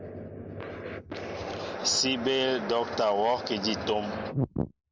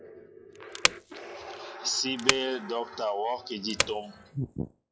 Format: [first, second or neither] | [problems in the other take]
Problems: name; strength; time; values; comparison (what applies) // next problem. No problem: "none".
first | noise reduction (classical method log-MMSE)